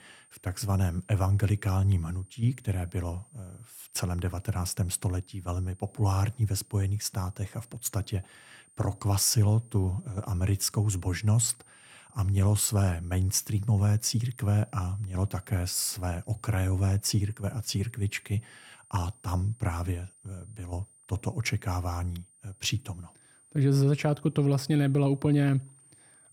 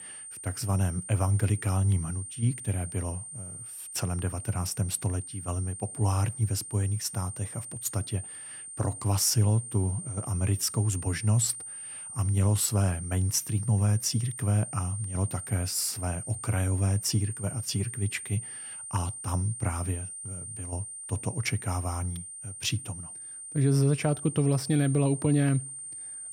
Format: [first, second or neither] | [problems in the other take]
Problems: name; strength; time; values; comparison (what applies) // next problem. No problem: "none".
first | high-pitched whine; loud; throughout; 9 kHz, 9 dB below the speech; faint in the first